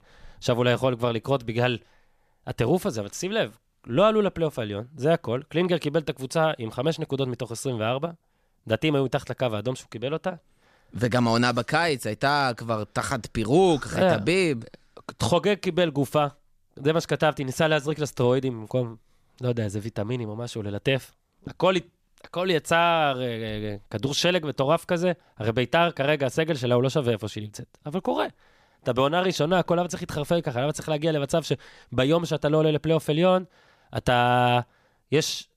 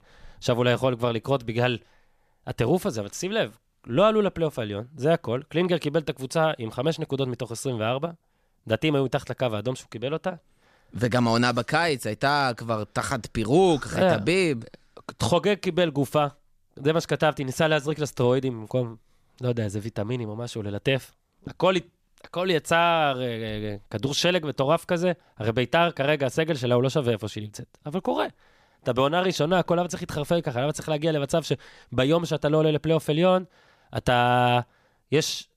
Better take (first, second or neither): neither